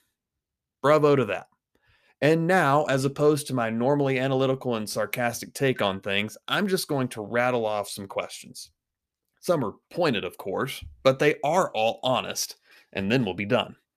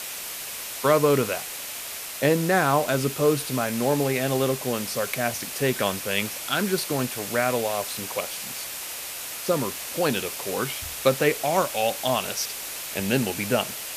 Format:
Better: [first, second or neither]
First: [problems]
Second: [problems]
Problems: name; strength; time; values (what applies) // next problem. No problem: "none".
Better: first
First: none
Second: hiss; loud; throughout; 6 dB below the speech